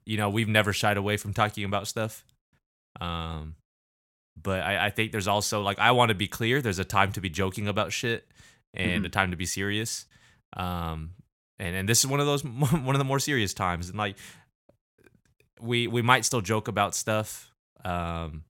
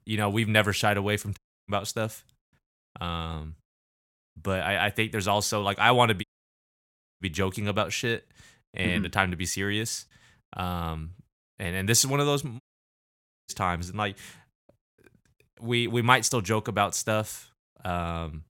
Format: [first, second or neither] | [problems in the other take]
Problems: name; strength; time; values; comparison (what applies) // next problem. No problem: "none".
first | audio cutting out; at 1.5 s, at 6 s for 1 s and at 13 s for 1 s